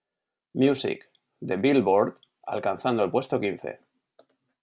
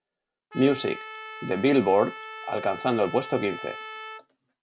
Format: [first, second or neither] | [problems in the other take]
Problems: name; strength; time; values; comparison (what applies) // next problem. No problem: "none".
first | background sound (Trumpet); 13 dB below the speech